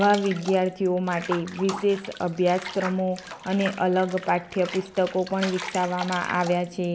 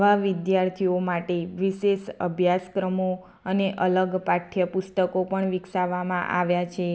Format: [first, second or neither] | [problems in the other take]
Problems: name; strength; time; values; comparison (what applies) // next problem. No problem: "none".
second | background sound (Bathtub (filling or washing) / Water); 13 dB below the speech